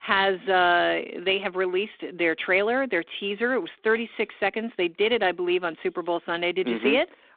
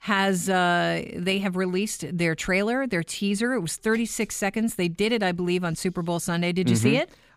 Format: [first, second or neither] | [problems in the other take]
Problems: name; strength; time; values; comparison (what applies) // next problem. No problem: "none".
second | phone-call audio